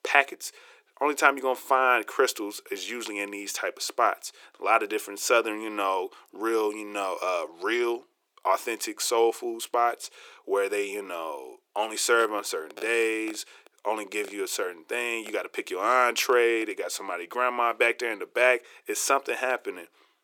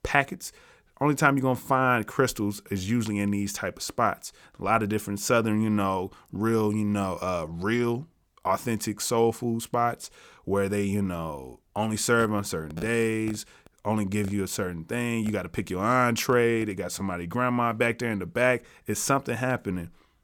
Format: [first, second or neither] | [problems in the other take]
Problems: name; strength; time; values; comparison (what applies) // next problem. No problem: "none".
second | thin; very; fading below 350 Hz